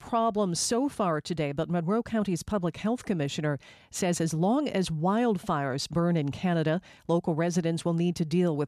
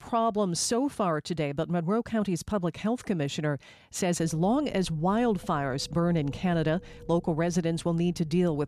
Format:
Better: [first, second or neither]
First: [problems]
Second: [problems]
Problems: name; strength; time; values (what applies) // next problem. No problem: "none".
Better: first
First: none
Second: wind noise on the microphone; occasional gusts; from 4 s on; 25 dB below the speech